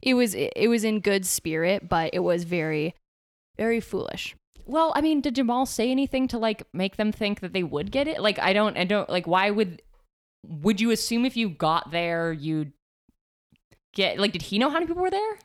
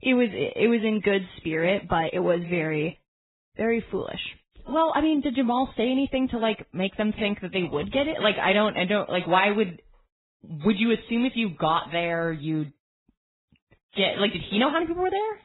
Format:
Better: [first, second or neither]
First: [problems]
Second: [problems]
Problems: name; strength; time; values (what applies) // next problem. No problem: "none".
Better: first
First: none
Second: garbled, watery; badly; nothing above 4 kHz